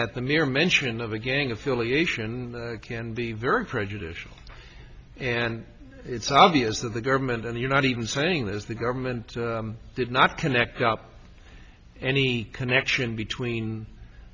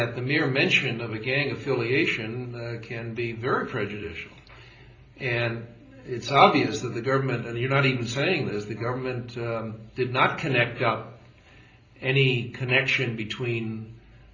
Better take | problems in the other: first | room echo; dies away in 0.5 s

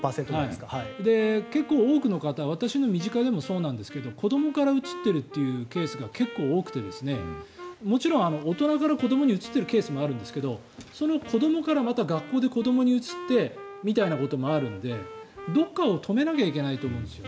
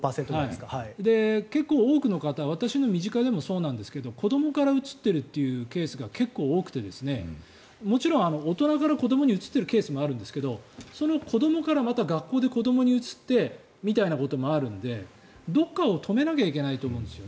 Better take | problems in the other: second | background sound (Wind instrument, woodwind instrument); 17 dB below the speech

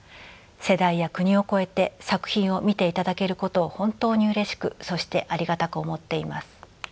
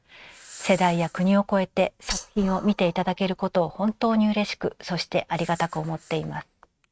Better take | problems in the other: first | noise reduction (neural mask model RNNoise)

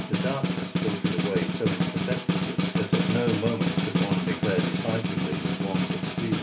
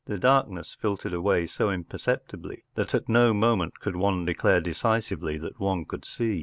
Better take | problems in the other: second | background sound (Snare drum); 5 dB above the speech // room echo; dies away in 0.3 s

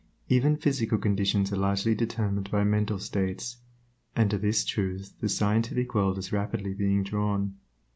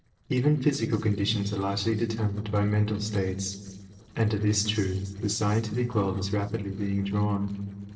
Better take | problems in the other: first | noise reduction (neural separator model SepFormer DNS4)

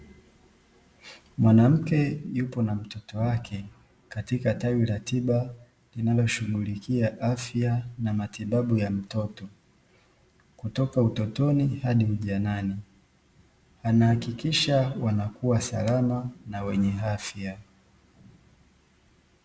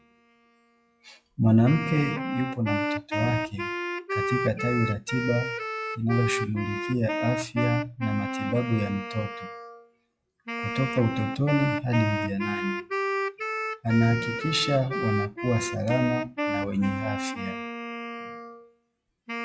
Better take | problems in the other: first | noise reduction (classical method log-MMSE)

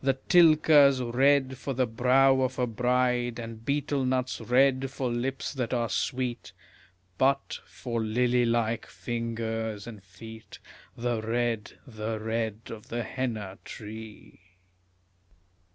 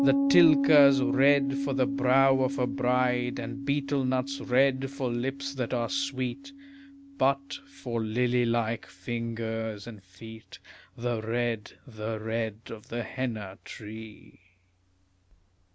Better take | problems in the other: first | background sound (Piano); 6 dB below the speech

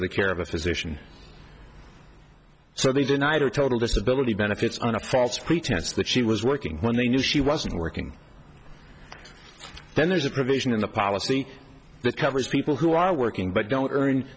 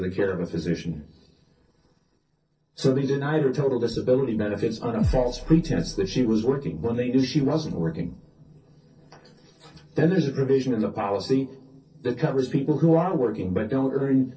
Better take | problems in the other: first | noise reduction (neural separator model SepFormer DNS4)

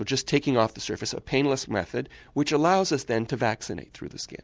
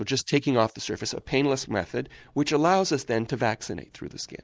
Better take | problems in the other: first | noise reduction (neural mask model Resemble Enhance denoiser)

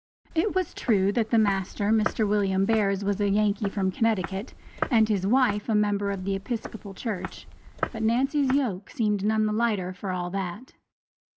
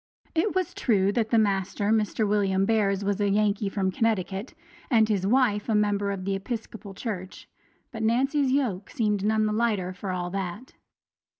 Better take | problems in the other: second | background sound (Walk, footsteps); 12 dB below the speech

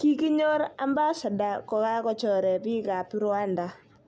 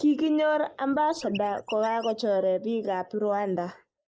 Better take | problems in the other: first | noise reduction (neural mask model Resemble Enhance denoiser)

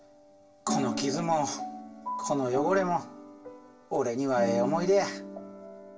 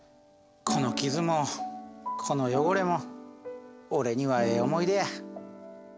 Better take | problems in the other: second | room echo; dies away in 0.2 s

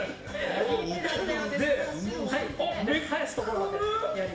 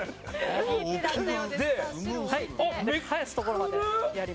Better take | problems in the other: second | room echo; dies away in 0.8 s

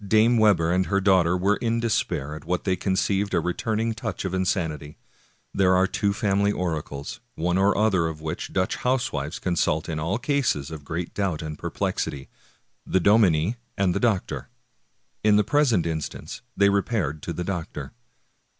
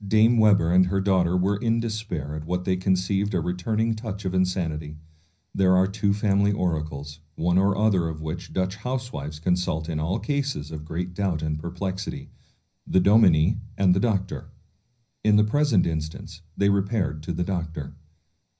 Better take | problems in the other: first | room echo; dies away in 0.5 s

